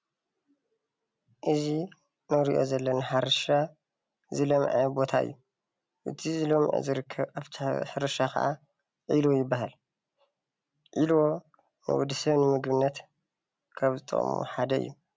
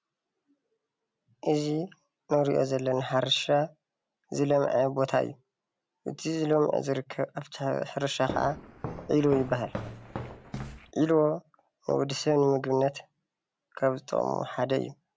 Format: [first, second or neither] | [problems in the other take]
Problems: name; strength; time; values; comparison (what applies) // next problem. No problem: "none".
first | background sound (Walk, footsteps); 10 dB below the speech